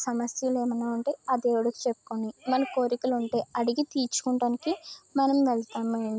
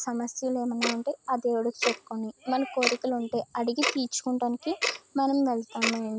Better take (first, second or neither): first